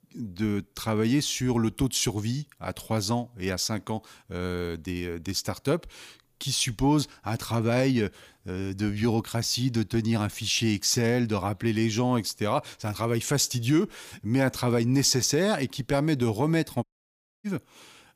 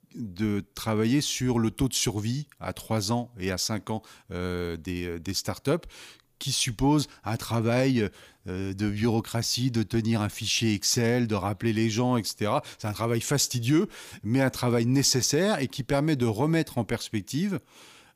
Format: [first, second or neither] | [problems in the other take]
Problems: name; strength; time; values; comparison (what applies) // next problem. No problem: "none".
second | audio cutting out; at 17 s for 0.5 s